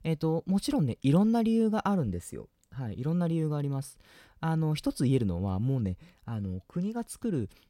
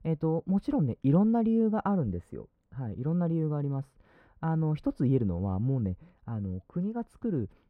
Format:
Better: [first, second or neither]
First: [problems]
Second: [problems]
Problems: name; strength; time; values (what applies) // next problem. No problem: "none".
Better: first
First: none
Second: muffled; very; fading above 2.5 kHz